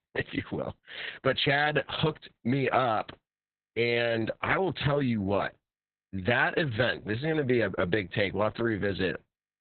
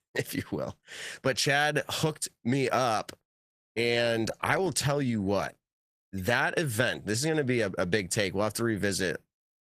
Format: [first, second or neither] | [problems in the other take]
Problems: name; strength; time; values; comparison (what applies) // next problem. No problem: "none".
second | garbled, watery; badly; nothing above 4 kHz; slightly in the second